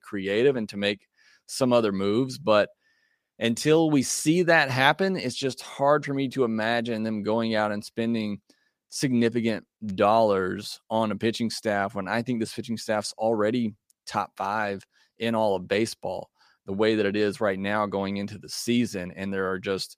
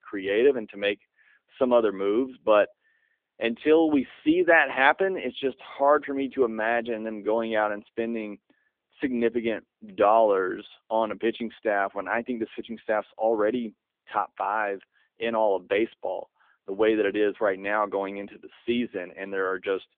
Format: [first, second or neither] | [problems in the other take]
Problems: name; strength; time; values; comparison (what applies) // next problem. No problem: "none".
first | phone-call audio; nothing above 3.5 kHz